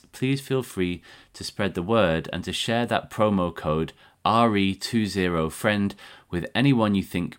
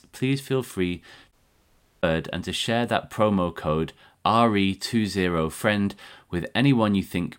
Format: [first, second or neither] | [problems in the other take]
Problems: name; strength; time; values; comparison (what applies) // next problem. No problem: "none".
first | audio cutting out; at 1.5 s for 0.5 s